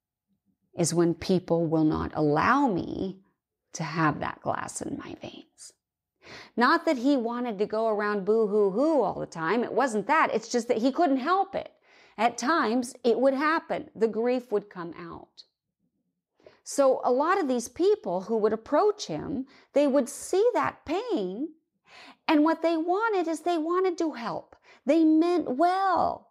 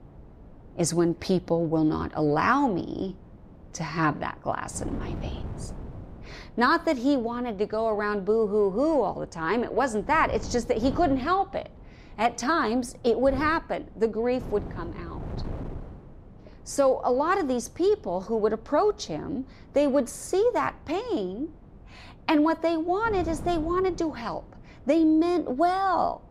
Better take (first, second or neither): first